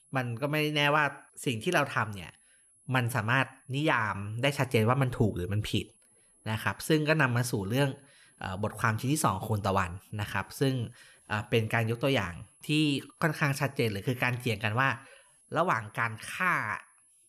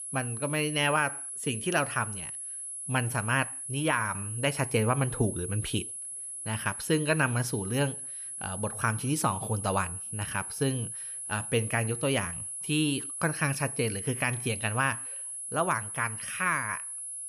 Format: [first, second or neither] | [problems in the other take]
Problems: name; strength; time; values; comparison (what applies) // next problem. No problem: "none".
first | high-pitched whine; loud; throughout; 10.5 kHz, 5 dB below the speech; faint in the first